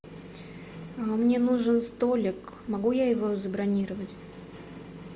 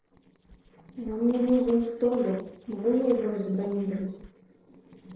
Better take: first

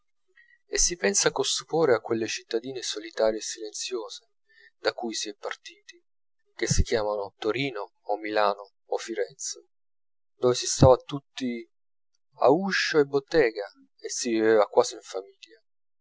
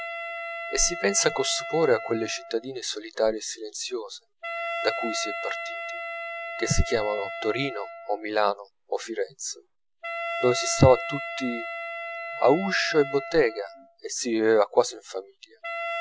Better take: first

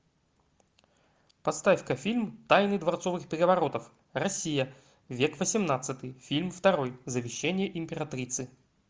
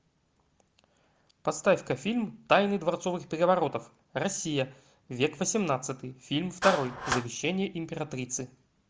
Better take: first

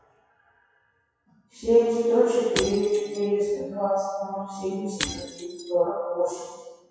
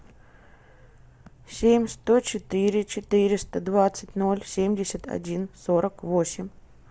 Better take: second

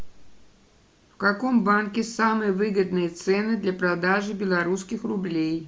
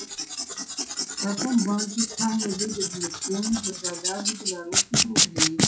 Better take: first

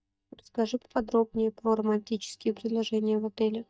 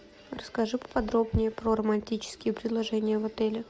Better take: second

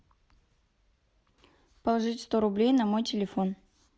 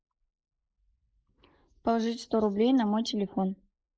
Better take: first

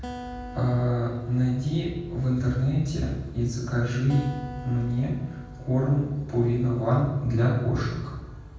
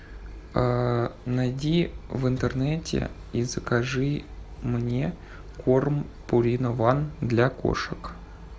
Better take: second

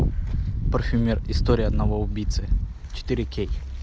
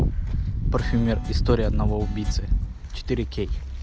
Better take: first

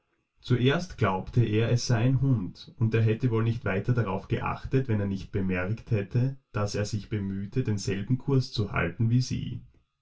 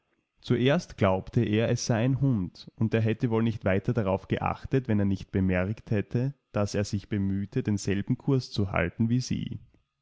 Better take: second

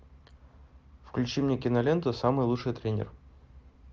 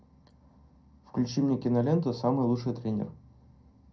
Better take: first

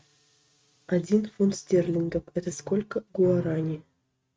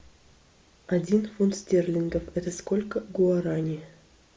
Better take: second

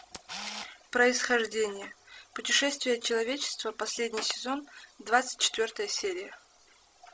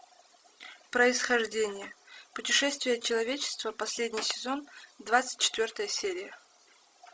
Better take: second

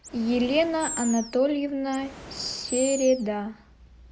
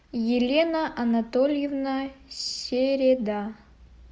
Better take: second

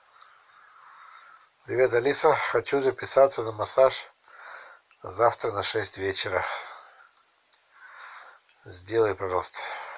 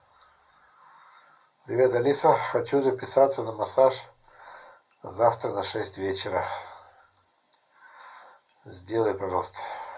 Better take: first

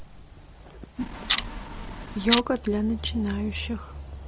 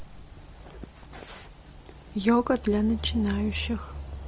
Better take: second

